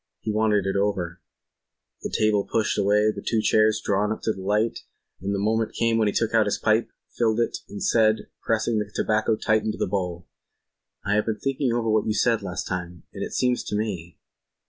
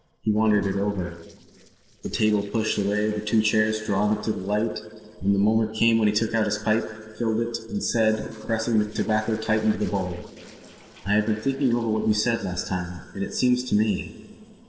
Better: first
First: none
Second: noise reduction (neural separator model SepFormer DNS4)

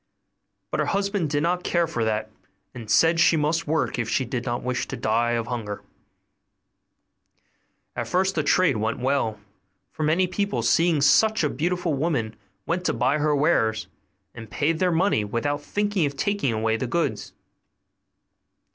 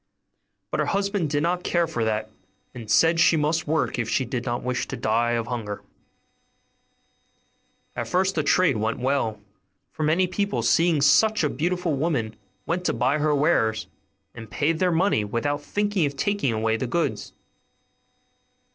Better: first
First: none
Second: noise reduction (neural separator model SepFormer DNS4)

